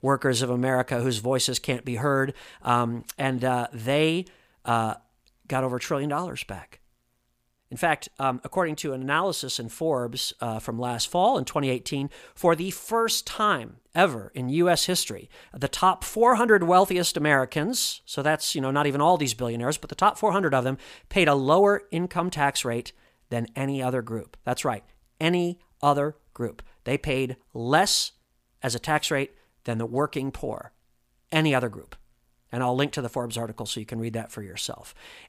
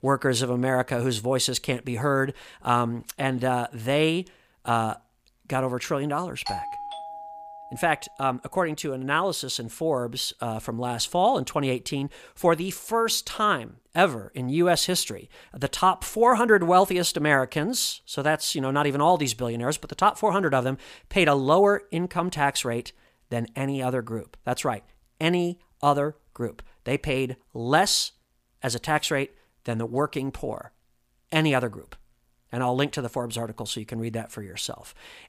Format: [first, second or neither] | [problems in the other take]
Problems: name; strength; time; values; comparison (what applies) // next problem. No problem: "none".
first | doorbell; noticeable; from 6.5 to 8 s; peak 7 dB below the speech